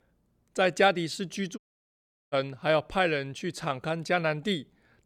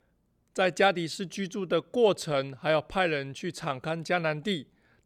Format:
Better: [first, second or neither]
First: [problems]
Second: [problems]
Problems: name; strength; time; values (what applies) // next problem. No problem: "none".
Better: second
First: audio cutting out; at 1.5 s for 0.5 s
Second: none